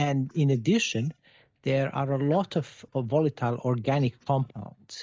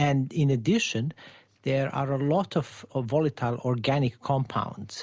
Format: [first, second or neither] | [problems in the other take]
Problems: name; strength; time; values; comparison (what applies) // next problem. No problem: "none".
second | noise reduction (neural mask model DeepFilterNet 3)